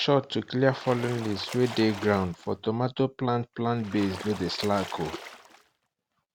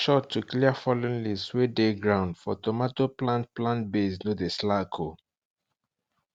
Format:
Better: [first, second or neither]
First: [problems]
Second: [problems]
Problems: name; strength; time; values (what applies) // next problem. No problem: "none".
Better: second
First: background sound (Splash, splatter); 14 dB below the speech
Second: none